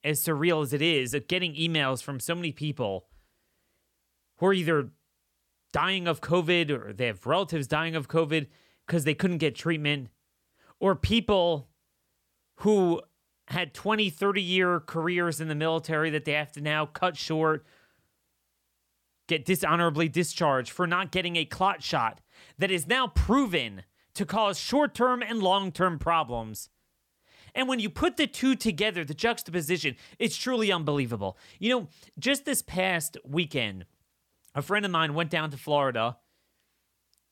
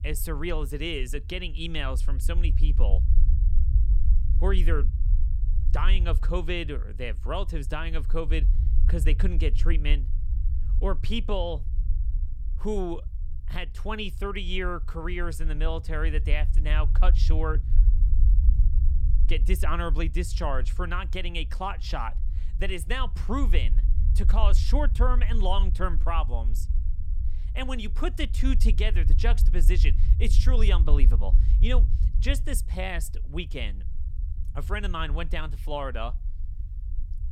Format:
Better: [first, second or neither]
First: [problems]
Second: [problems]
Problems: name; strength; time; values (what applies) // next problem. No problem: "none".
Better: first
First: none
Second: low rumble; noticeable; throughout; 15 dB below the speech